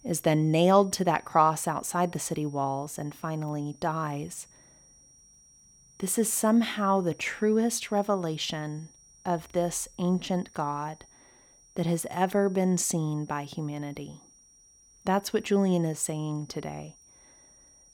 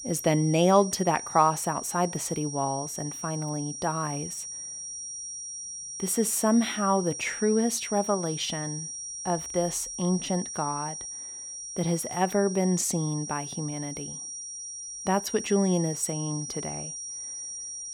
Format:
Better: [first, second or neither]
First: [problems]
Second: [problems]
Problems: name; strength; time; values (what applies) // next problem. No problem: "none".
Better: first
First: high-pitched whine; faint; throughout; 5.5 kHz, 25 dB below the speech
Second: high-pitched whine; loud; throughout; 5.5 kHz, 8 dB below the speech